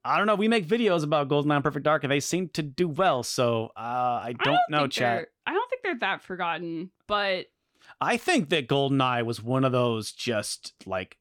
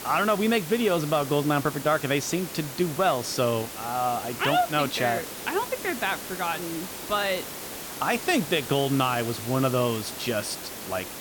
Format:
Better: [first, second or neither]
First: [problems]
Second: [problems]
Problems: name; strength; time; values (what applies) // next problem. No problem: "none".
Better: first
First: none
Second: hiss; loud; throughout; 9 dB below the speech